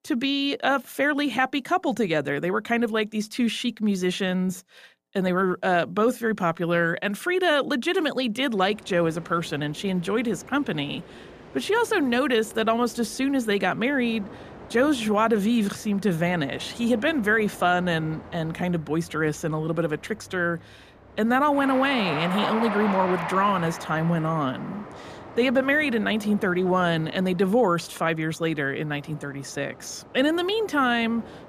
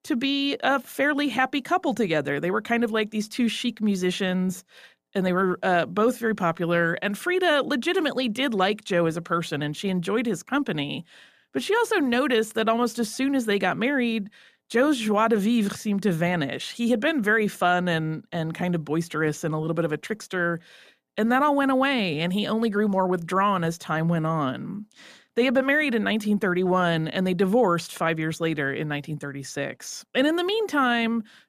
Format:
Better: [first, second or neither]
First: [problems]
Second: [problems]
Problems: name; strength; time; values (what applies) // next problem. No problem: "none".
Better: second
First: train or aircraft noise; noticeable; from 8.5 s on; 15 dB below the speech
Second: none